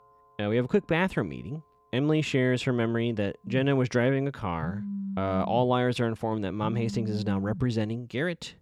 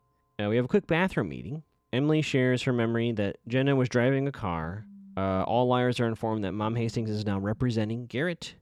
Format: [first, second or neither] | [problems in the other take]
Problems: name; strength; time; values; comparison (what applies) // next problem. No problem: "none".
second | alarms or sirens; loud; throughout; 9 dB below the speech; faint in the second